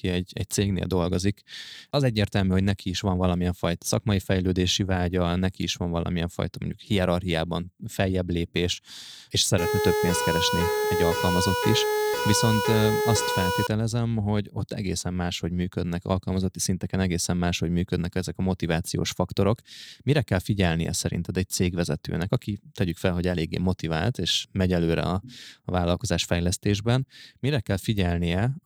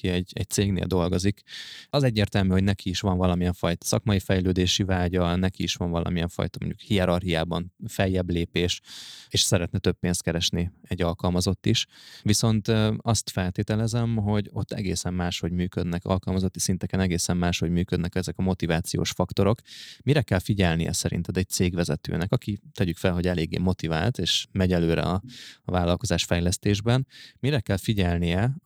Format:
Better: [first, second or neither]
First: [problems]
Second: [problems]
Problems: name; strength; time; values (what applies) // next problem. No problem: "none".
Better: second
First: siren; loud; from 9.5 to 14 s; peak 1 dB above the speech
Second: none